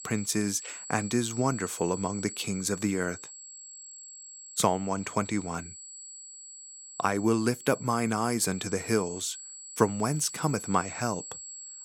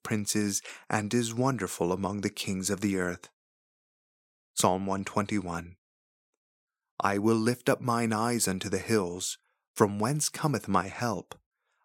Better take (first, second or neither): second